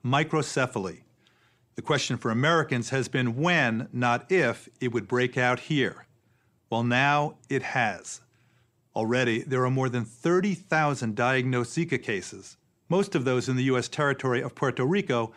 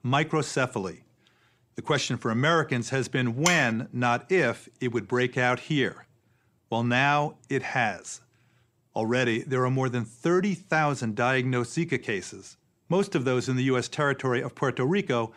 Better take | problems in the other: first | clattering dishes; noticeable; at 3.5 s; peak 1 dB below the speech

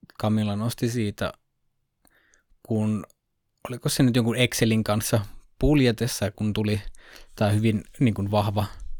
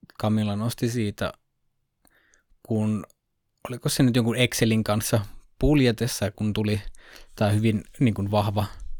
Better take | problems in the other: neither | none

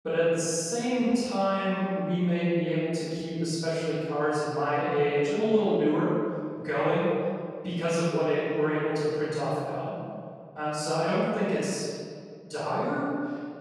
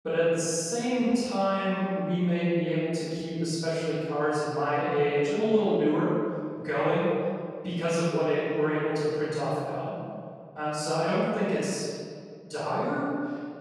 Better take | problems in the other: neither | room echo; strong; dies away in 2 s; the same in both // off-mic speech; far; the same in both

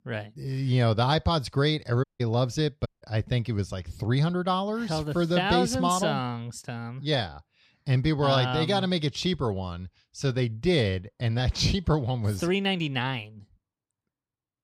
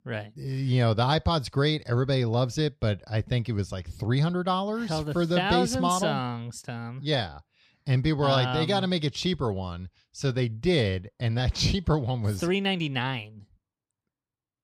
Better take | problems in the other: second | audio cutting out; at 2 s and at 3 s

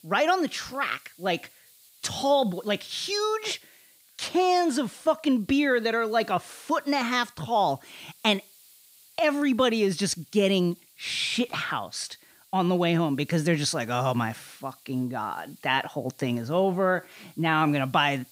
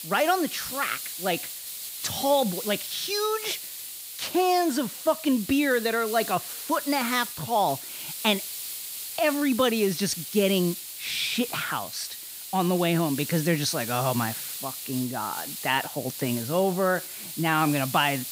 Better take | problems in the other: first | hiss; loud; throughout; 7 dB below the speech; faint in the first

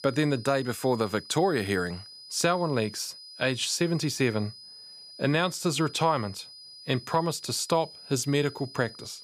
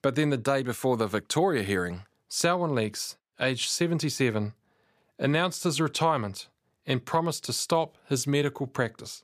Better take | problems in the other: second | high-pitched whine; noticeable; throughout; 5 kHz, 15 dB below the speech

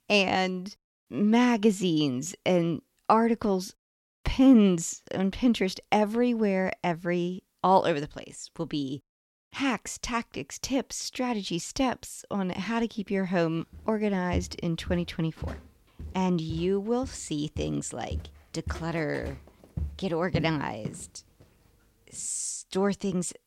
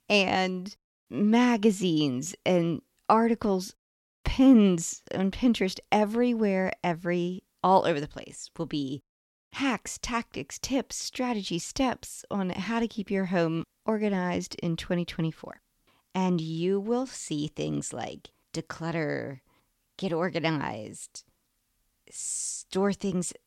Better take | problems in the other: second | footsteps; noticeable; from 14 to 21 s; peak 6 dB below the speech

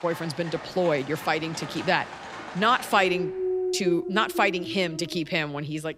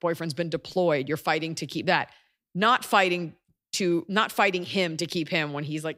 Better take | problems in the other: second | animal sounds; loud; throughout; 8 dB below the speech

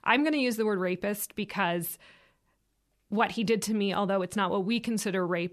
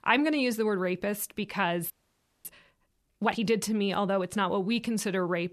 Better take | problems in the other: first | audio freezing; at 2 s for 0.5 s

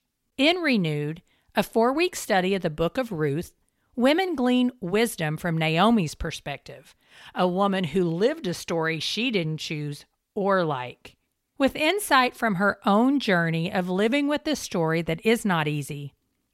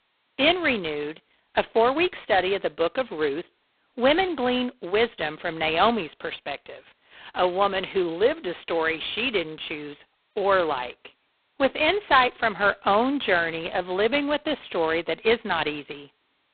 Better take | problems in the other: first | phone-call audio; poor line; nothing above 4 kHz

